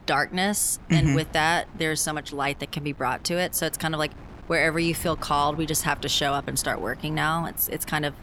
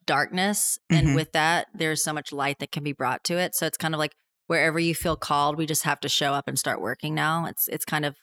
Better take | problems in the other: second | wind noise on the microphone; occasional gusts; 25 dB below the speech

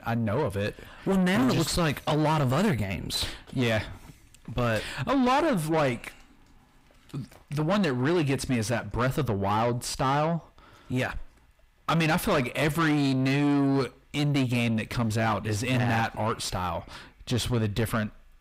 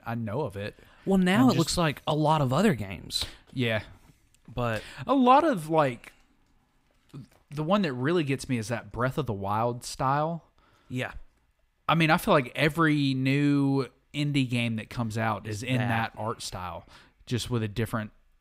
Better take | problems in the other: second | distortion; heavy; 5 dB below the speech

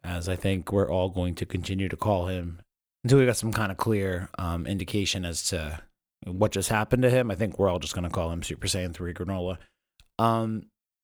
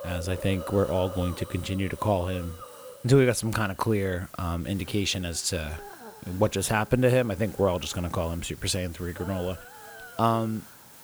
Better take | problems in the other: first | hiss; noticeable; throughout; 15 dB below the speech

